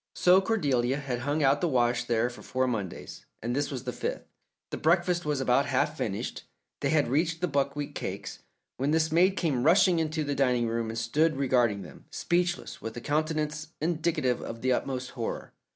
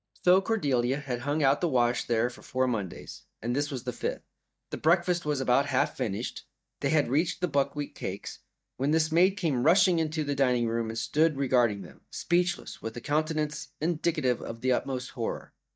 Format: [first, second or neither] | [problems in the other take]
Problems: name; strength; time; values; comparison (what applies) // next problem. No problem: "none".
first | noise reduction (neural mask model DeepFilterNet 3)